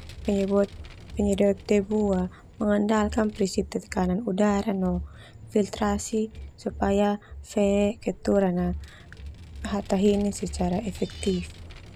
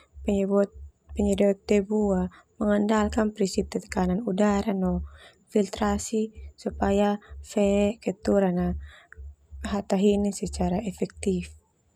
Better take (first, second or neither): second